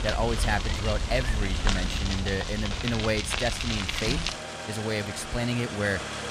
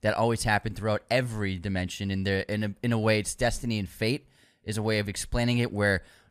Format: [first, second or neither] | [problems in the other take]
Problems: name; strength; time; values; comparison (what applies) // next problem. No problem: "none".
second | traffic noise; loud; throughout; as loud as the speech